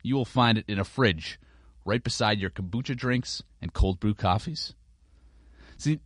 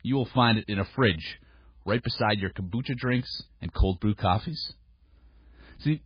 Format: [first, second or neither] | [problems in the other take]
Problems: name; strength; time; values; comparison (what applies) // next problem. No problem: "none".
first | garbled, watery; badly; nothing above 4.5 kHz; slightly in the first